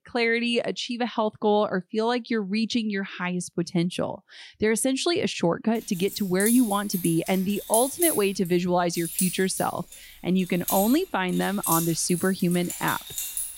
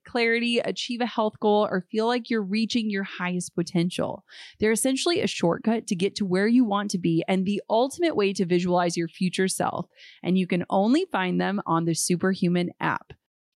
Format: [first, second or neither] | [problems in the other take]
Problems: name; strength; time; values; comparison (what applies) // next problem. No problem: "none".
second | jangling keys; loud; from 6 s on; peak 2 dB above the speech